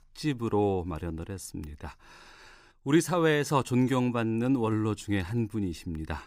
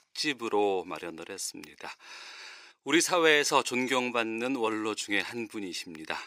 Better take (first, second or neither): first